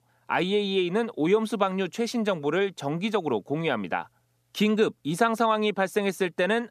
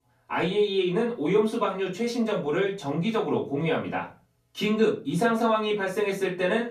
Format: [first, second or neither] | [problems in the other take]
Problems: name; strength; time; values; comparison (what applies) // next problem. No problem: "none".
first | off-mic speech; far // room echo; slight; dies away in 0.3 s